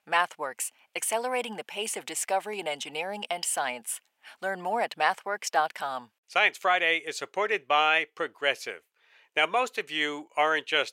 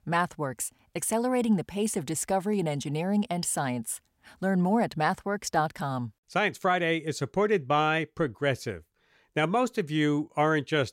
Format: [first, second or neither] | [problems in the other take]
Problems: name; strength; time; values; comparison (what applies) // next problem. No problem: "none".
second | thin; very; fading below 650 Hz